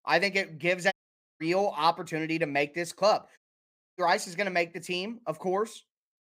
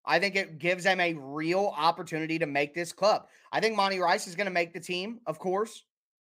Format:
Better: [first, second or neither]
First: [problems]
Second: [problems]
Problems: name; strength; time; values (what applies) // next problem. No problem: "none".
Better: second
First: audio cutting out; at 1 s and at 3.5 s for 0.5 s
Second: none